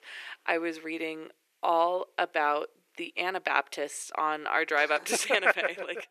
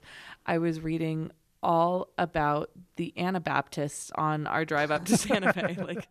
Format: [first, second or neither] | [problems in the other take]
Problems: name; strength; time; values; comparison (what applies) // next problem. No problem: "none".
second | thin; very; fading below 400 Hz